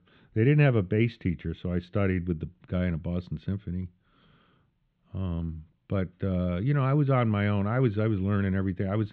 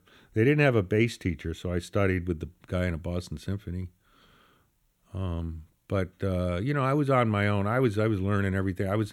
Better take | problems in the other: second | muffled; slightly; fading above 3.5 kHz

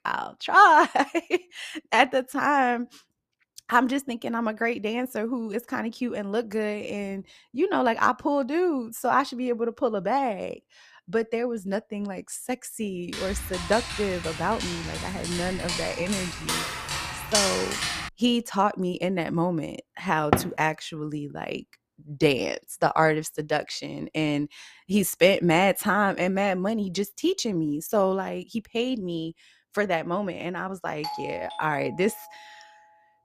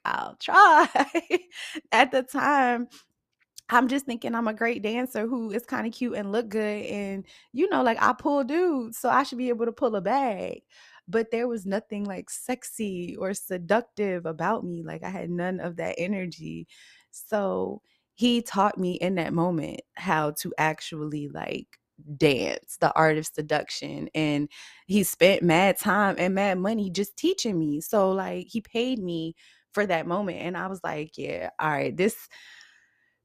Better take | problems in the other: second | dog barking; loud; from 13 to 18 s; peak 3 dB above the speech // door banging; noticeable; at 20 s; peak level with the speech // doorbell; noticeable; from 31 to 32 s; peak 9 dB below the speech

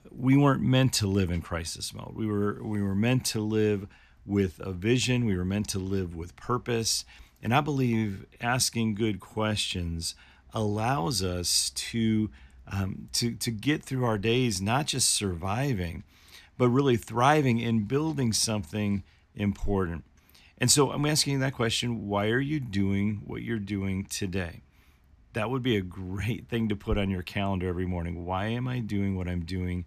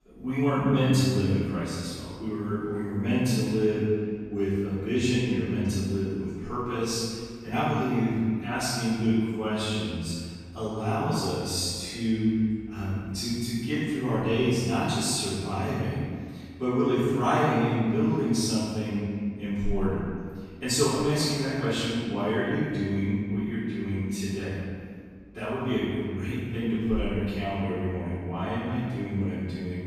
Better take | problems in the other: first | off-mic speech; far // room echo; strong; dies away in 1.8 s

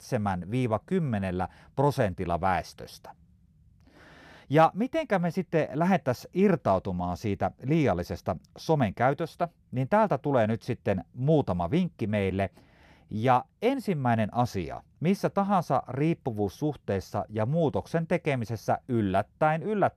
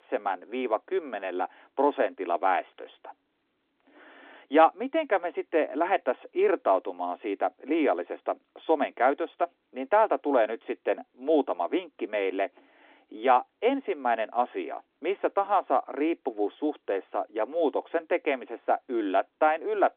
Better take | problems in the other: first | phone-call audio; nothing above 3.5 kHz

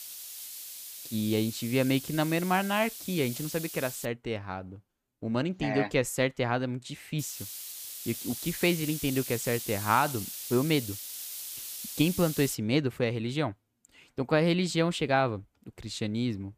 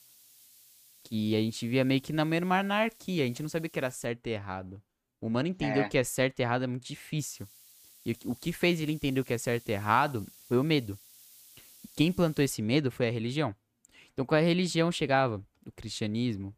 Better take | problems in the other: second | hiss; loud; until 4 s and from 7 to 13 s; 8 dB below the speech; faint in the second

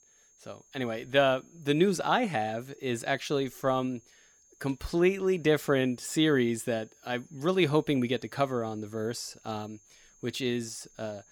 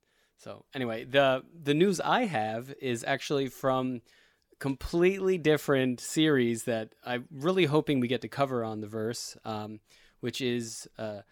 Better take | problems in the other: second | high-pitched whine; faint; throughout; 6.5 kHz, 30 dB below the speech

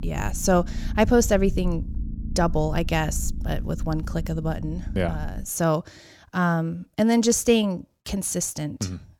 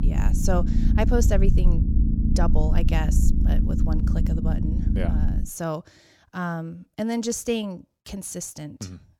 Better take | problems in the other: first | low rumble; loud; until 5.5 s; 4 dB below the speech; faint in the first

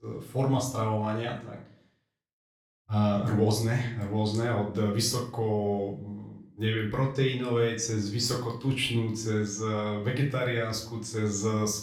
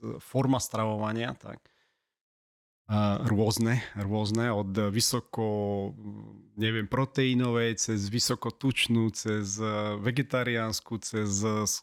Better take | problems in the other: second | off-mic speech; far // room echo; slight; dies away in 0.4 s

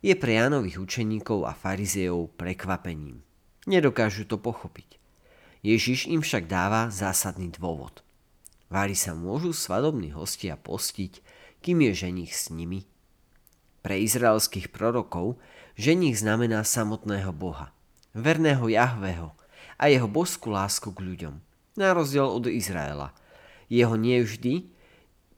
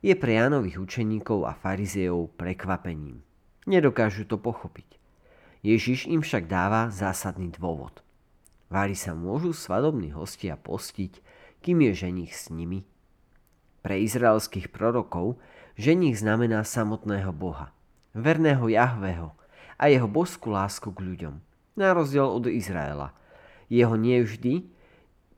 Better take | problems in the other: first | muffled; slightly; fading above 3 kHz

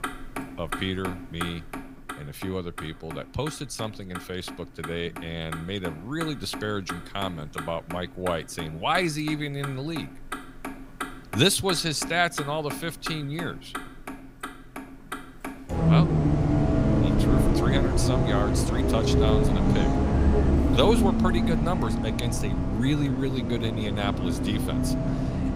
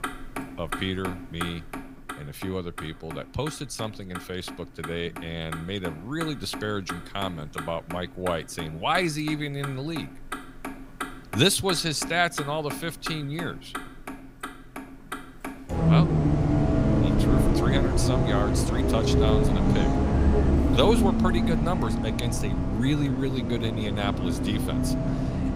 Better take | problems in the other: neither | traffic noise; very loud; throughout; 2 dB above the speech; the same in both

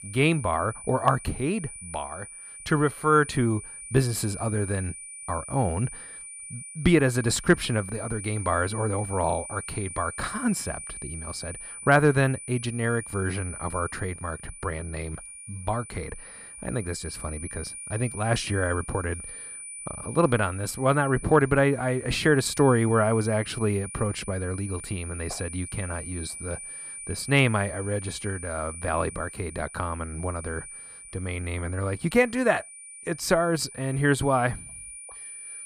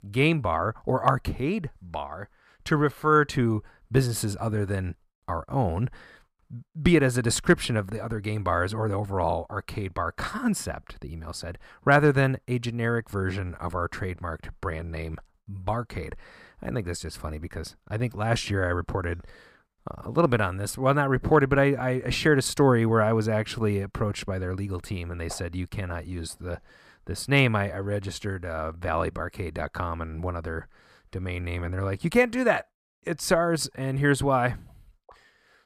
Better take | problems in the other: second | high-pitched whine; noticeable; throughout; 9.5 kHz, 10 dB below the speech

